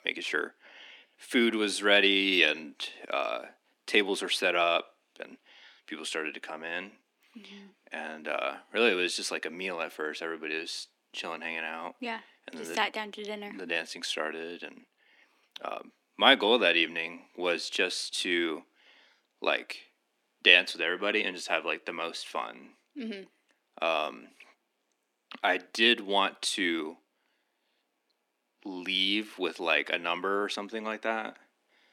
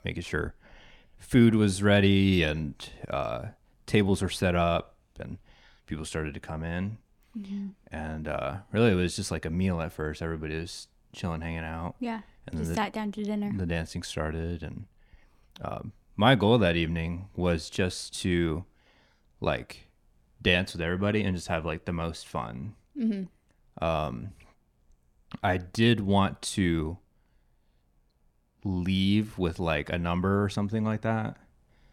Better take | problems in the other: second | thin; somewhat; fading below 250 Hz

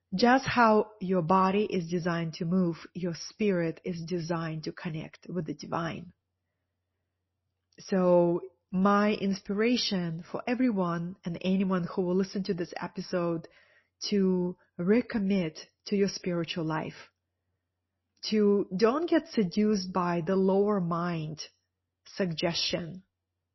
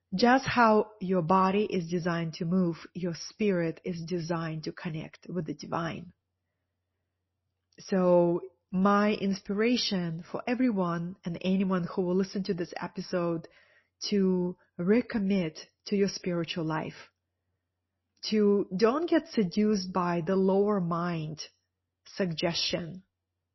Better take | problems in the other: neither | garbled, watery; slightly; nothing above 5.5 kHz; the same in both

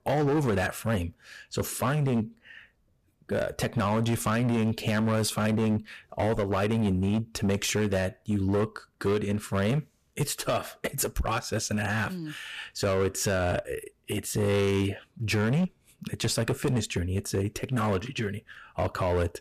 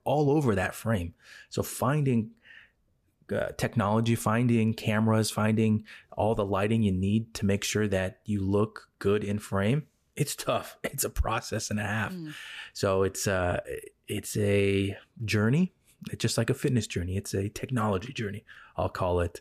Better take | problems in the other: second | distortion; slight; 13% of the sound clipped

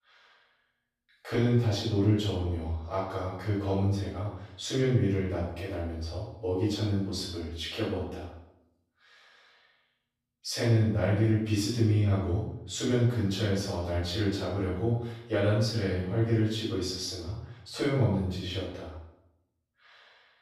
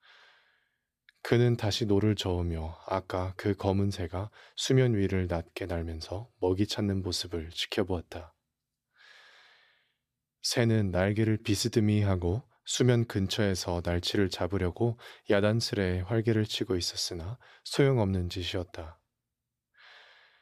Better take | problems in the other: second | off-mic speech; far // room echo; noticeable; dies away in 0.6 s

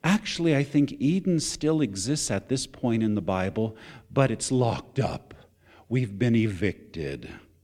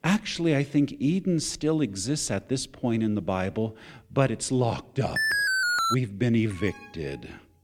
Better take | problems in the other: first | alarm; loud; at 5 s; peak 5 dB above the speech // alarm; faint; at 6.5 s; peak 20 dB below the speech

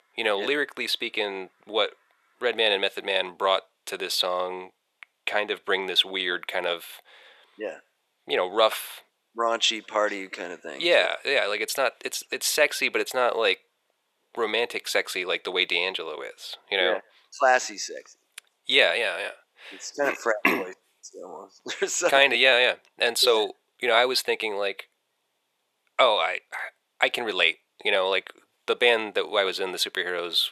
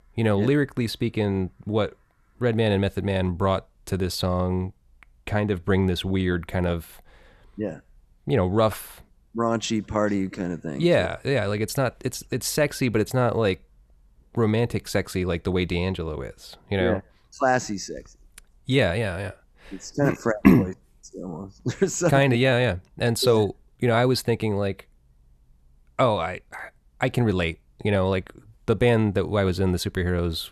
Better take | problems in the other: second | thin; very; fading below 500 Hz

